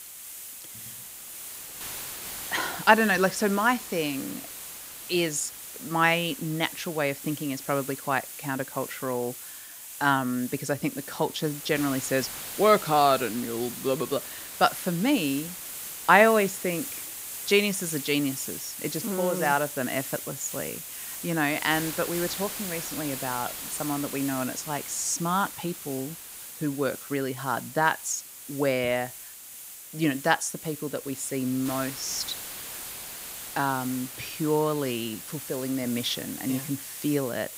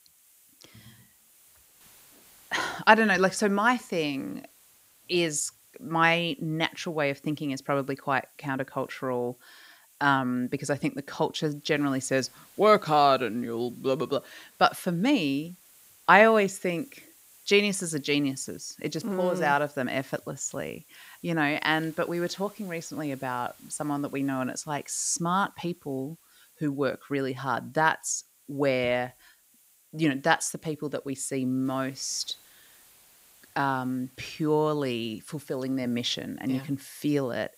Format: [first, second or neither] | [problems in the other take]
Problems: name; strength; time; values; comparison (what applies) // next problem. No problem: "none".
second | hiss; loud; throughout; 9 dB below the speech; faint in the second